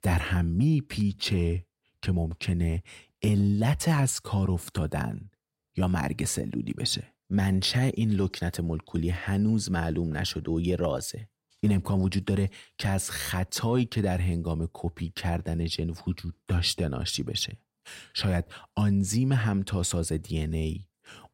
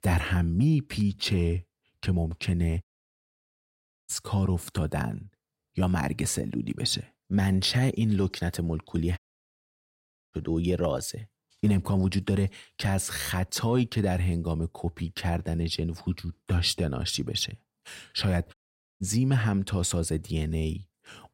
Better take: first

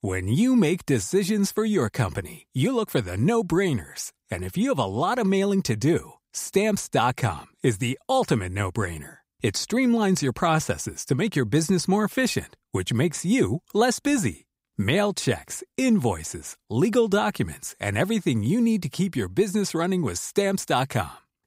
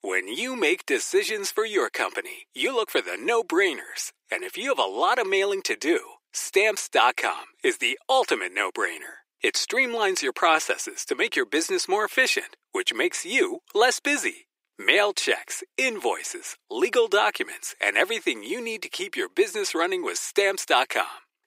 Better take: first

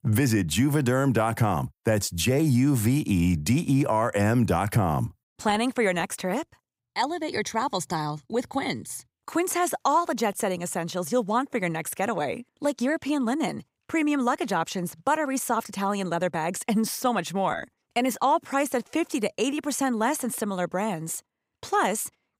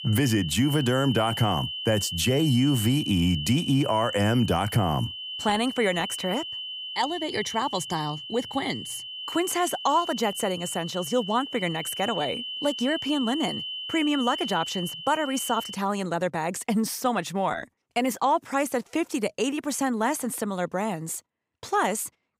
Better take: first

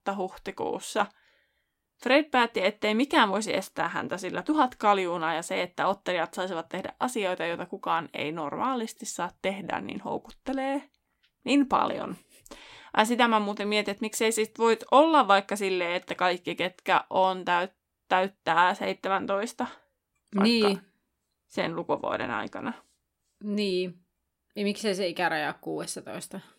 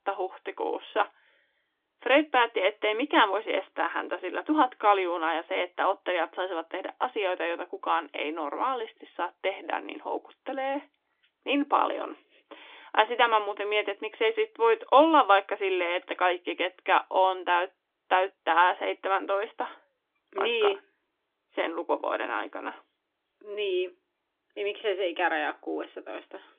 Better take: first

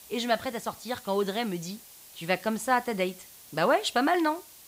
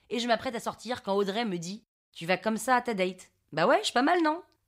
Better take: second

